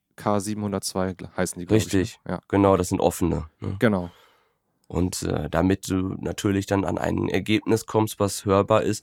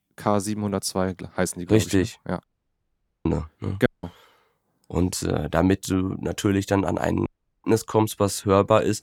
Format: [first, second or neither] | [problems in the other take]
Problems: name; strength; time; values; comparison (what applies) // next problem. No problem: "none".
first | audio cutting out; at 2.5 s for 1 s, at 4 s and at 7.5 s